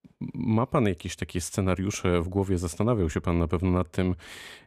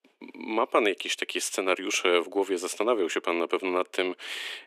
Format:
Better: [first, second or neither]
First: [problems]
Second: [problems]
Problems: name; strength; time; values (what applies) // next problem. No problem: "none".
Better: first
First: none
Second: thin; very; fading below 300 Hz